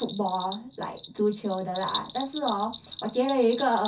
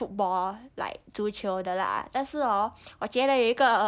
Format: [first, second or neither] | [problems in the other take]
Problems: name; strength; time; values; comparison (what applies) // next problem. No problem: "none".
second | background sound (Bell); 13 dB below the speech // room echo; dies away in 0.3 s